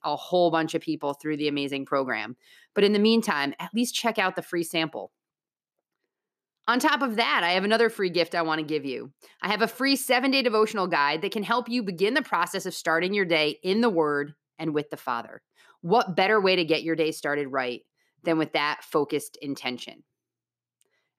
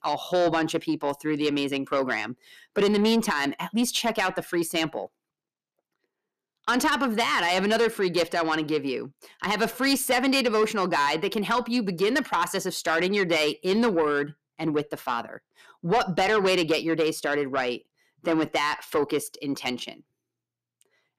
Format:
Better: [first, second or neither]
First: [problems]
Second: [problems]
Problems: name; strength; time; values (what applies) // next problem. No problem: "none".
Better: first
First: none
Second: distortion; slight; 10 dB below the speech